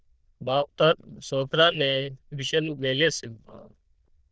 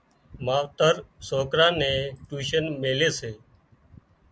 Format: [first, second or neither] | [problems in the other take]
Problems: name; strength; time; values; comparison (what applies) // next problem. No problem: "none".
second | noise reduction (neural diffusion model UNIVERSE++)